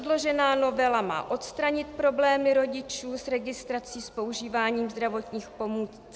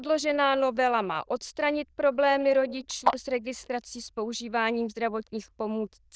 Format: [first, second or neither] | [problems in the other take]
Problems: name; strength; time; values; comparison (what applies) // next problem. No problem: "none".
first | noise reduction (neural diffusion model UNIVERSE++)